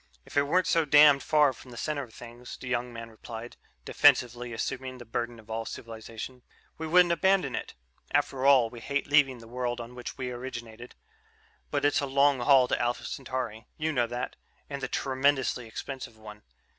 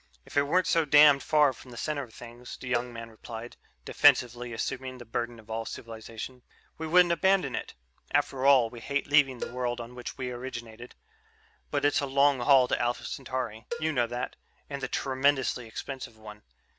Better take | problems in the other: first | background sound (Cowbell); 15 dB below the speech

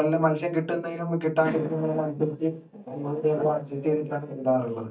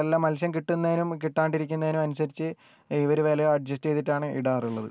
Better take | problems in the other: second | noise reduction (neural mask model DeepFilterNet 3)

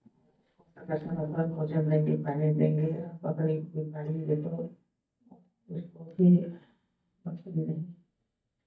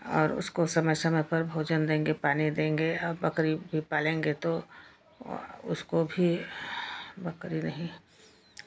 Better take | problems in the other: second | noise reduction (neural mask model DeepFilterNet 3)

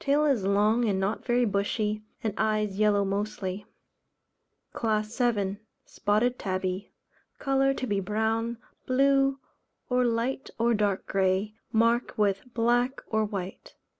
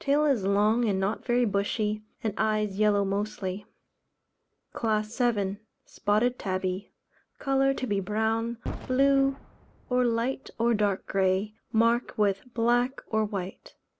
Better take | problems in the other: first | background sound (Boom); 15 dB below the speech

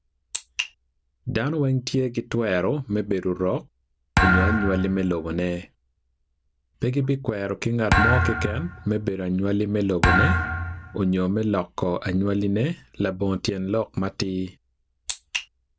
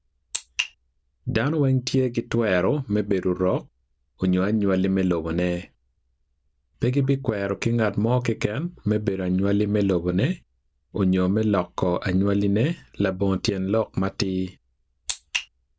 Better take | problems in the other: second | background sound (Thump, thud); 1 dB above the speech

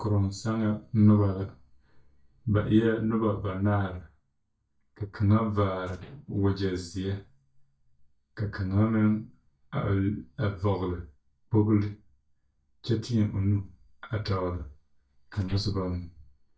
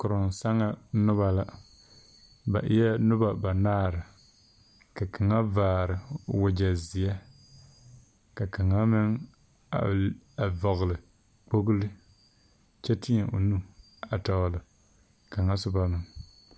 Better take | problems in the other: second | noise reduction (neural mask model DeepFilterNet 3)

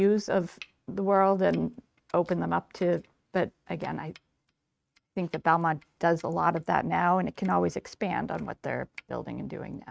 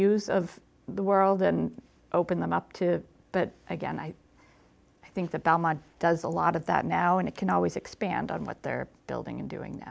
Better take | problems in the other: second | noise reduction (neural mask model RNNoise)

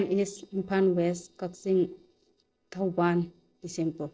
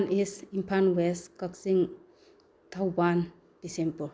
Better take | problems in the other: second | noise reduction (neural separator model SepFormer DNS4)

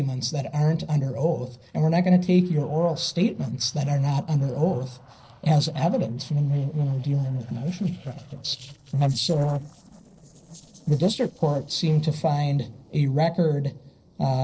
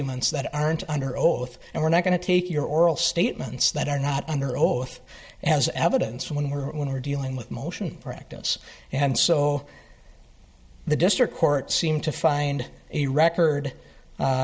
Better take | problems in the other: second | noise reduction (neural separator model SepFormer DNS4)

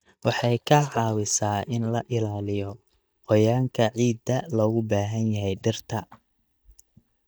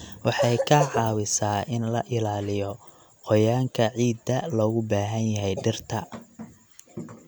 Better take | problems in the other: second | noise reduction (neural mask model DeepFilterNet 3)

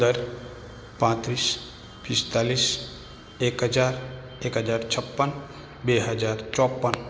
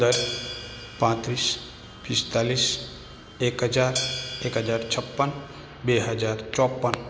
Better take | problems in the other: first | background sound (Hi-hat); 11 dB below the speech

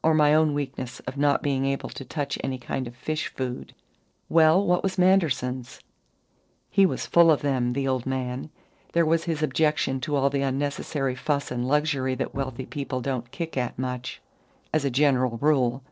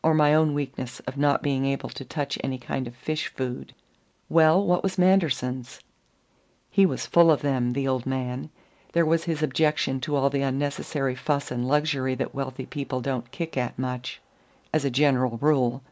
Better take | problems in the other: second | noise reduction (neural separator model SepFormer DNS4)

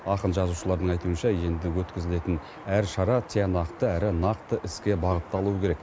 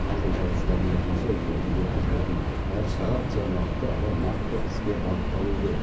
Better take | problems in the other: first | background sound (Subway, metro, underground); 3 dB above the speech // room echo; dies away in 0.5 s

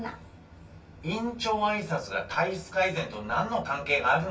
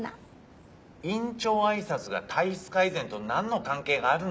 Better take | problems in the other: second | room echo; dies away in 0.2 s

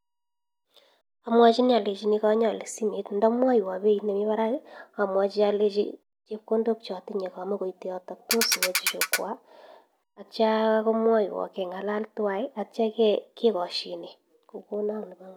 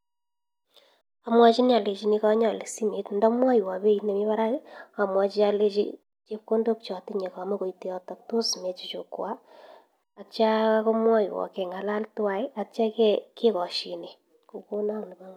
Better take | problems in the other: second | background sound (Ratchet, pawl); 1 dB below the speech

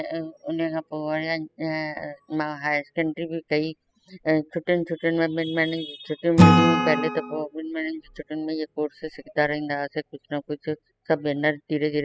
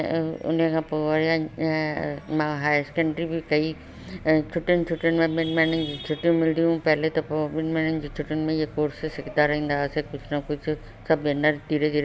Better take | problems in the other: second | noise reduction (classical method spectral subtraction)

